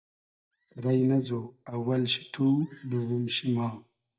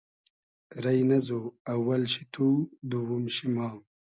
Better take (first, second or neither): second